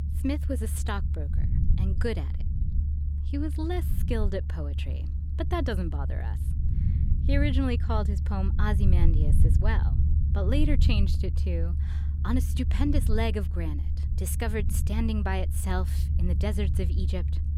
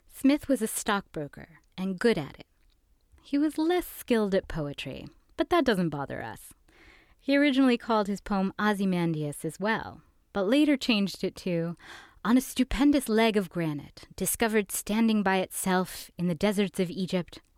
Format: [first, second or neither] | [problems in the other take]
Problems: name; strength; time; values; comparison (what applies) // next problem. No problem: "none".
second | low rumble; loud; throughout; 9 dB below the speech